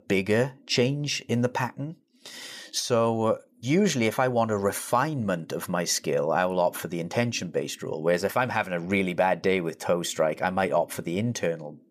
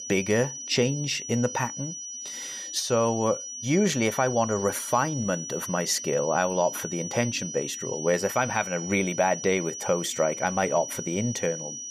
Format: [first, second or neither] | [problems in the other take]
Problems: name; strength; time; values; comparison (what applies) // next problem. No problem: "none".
first | high-pitched whine; loud; throughout; 6 kHz, 8 dB below the speech